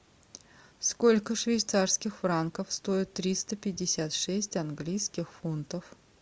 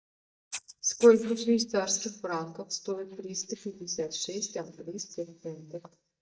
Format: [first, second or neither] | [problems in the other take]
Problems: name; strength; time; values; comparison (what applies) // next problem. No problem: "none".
first | noise reduction (neural mask model DeepFilterNet 3)